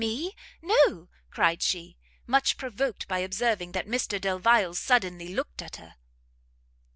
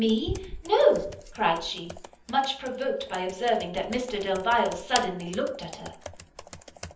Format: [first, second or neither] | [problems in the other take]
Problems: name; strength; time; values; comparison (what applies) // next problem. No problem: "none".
first | background sound (Computer keyboard); 14 dB below the speech // room echo; dies away in 0.7 s